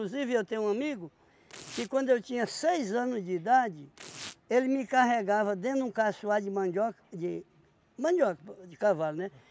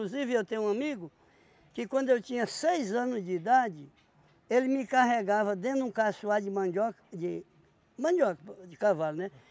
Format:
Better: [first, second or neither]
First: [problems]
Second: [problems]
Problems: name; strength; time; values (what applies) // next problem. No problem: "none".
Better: second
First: background sound (Tearing); 19 dB below the speech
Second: none